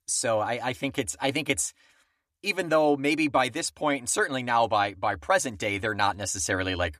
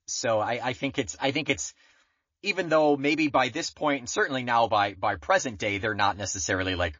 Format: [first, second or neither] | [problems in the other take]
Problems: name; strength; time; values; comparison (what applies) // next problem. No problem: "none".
first | garbled, watery; slightly; nothing above 7 kHz